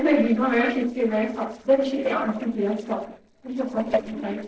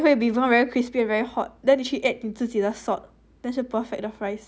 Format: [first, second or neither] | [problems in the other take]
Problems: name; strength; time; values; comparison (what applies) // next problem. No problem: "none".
second | noise reduction (neural separator model SepFormer DNS4)